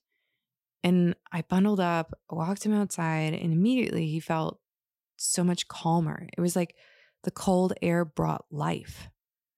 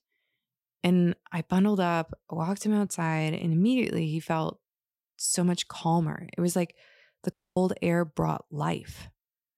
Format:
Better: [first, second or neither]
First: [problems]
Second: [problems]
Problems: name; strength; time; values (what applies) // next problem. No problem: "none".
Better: first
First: none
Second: audio cutting out; at 7.5 s